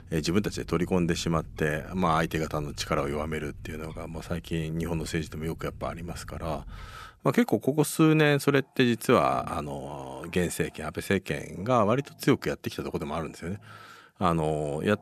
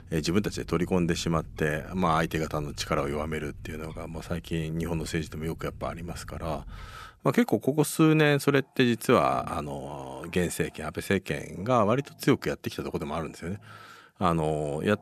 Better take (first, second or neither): neither